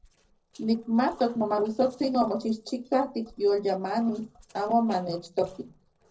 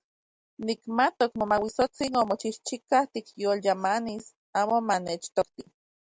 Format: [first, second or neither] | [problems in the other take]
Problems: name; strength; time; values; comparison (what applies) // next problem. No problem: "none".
second | noise reduction (neural separator model SepFormer DNS4)